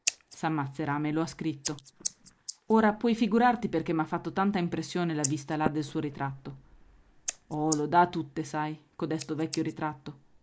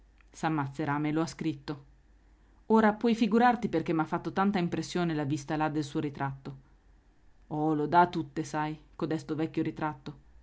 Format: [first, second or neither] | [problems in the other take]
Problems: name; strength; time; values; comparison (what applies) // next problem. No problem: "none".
second | noise reduction (neural mask model Resemble Enhance denoiser)